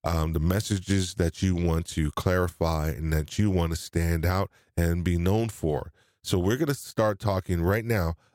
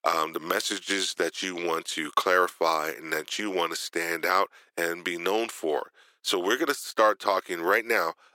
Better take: first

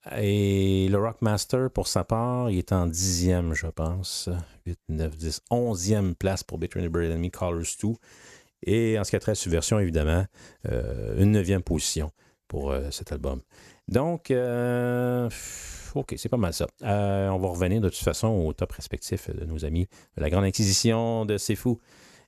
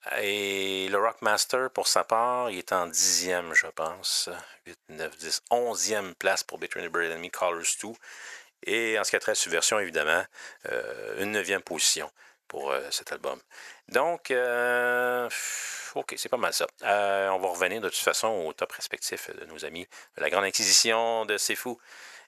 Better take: first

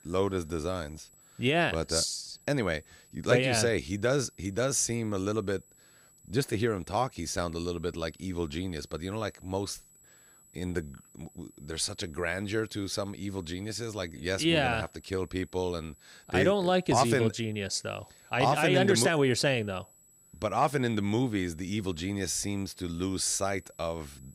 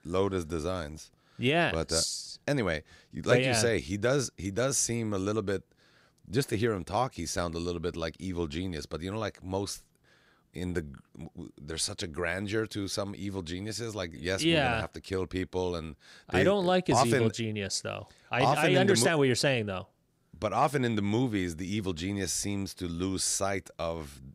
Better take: second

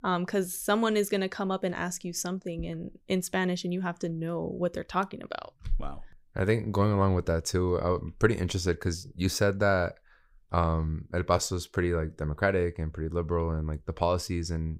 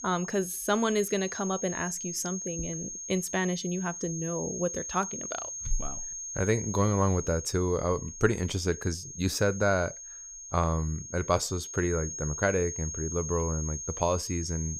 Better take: first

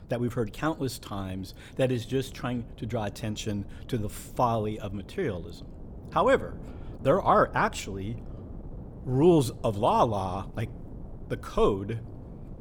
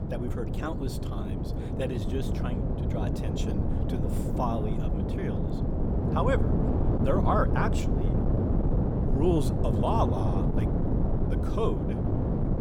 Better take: first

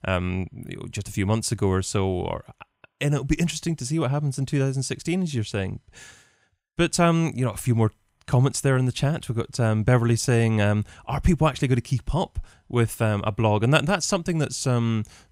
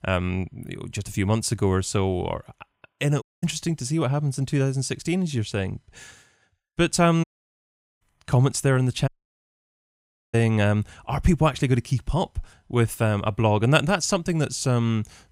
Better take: first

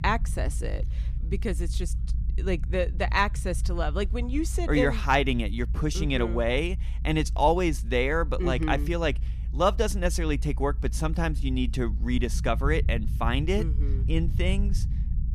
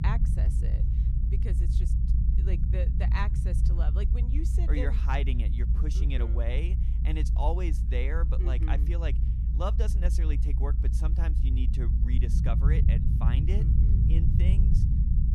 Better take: first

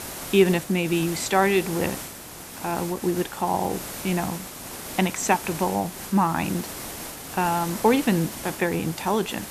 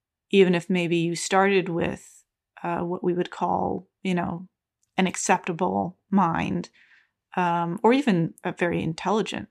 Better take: second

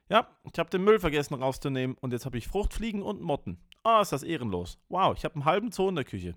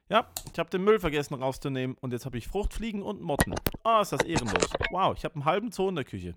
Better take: first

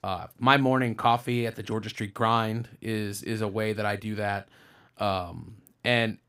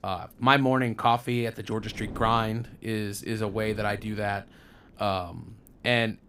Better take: first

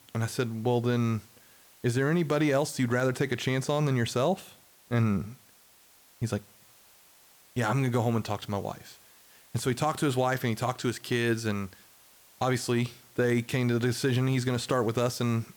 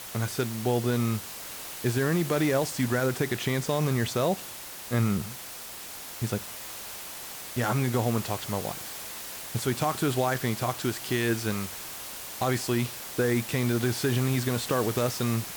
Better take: first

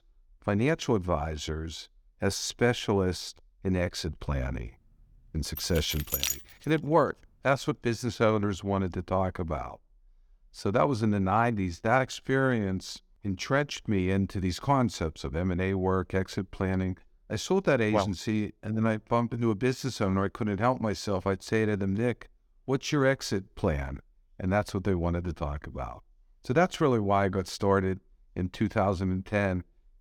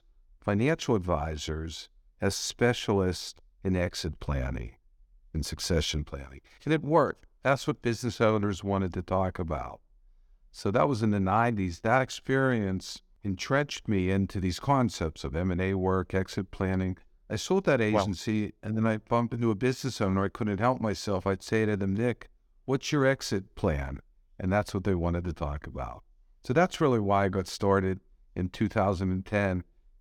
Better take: second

